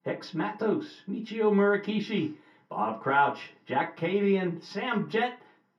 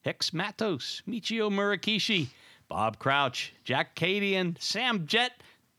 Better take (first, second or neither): second